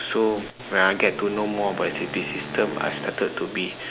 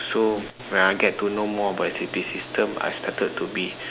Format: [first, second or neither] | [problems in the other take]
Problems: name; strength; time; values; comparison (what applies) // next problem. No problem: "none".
second | background sound (Wind instrument, woodwind instrument); 14 dB below the speech